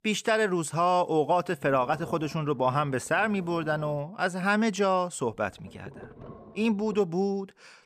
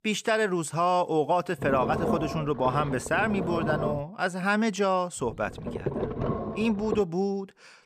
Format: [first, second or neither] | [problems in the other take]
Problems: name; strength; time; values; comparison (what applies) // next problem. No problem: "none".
first | low rumble; loud; from 1.5 to 4 s and from 5 to 7 s; 7 dB below the speech; faint in the first